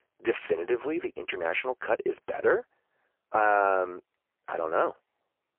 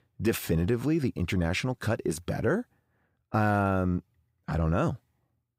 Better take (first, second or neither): second